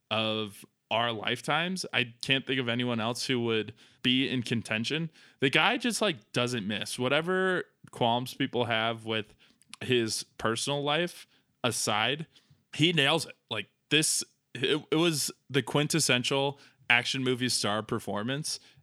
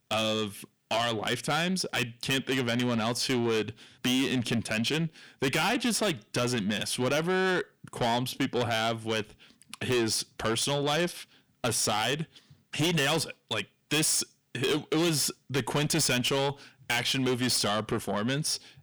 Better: first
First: none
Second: distortion; heavy; 6 dB below the speech

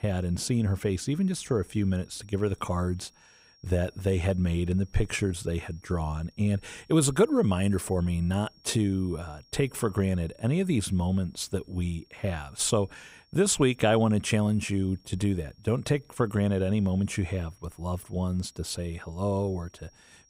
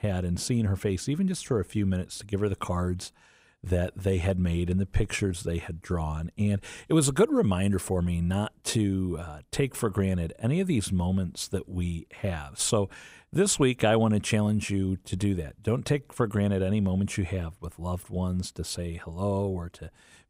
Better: second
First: high-pitched whine; faint; throughout; 5.5 kHz, 30 dB below the speech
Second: none

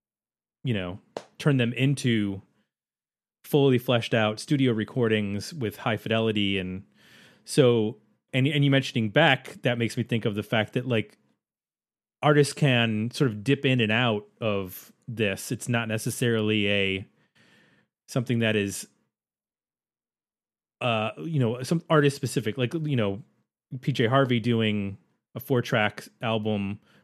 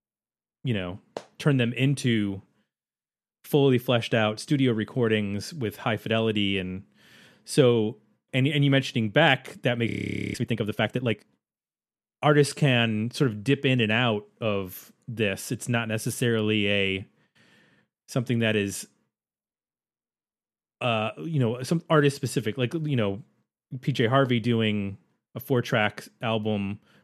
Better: first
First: none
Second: audio freezing; at 10 s

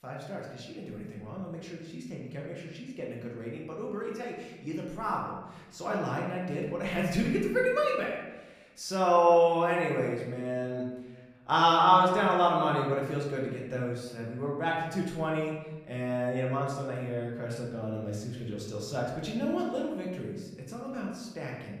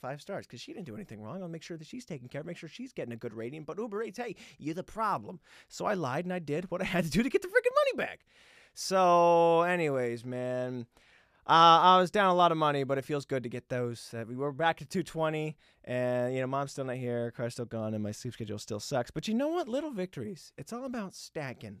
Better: second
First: room echo; noticeable; dies away in 1 s // off-mic speech; far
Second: none

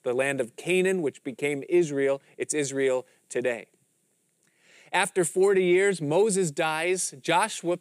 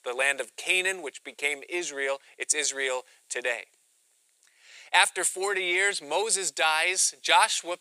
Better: first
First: none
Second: thin; very; fading below 900 Hz

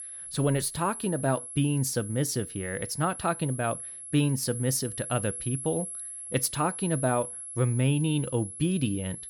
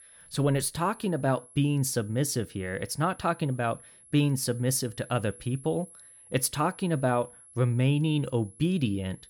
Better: second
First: high-pitched whine; loud; throughout; 11 kHz, 8 dB below the speech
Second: high-pitched whine; faint; throughout; 11 kHz, 20 dB below the speech

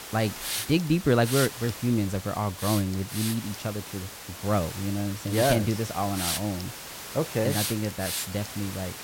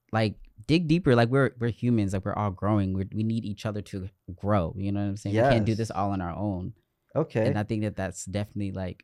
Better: second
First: hiss; loud; throughout; 6 dB below the speech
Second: none

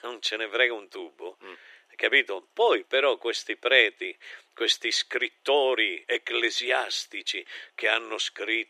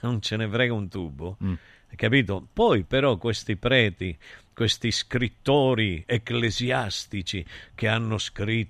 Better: second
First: thin; very; fading below 350 Hz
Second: none

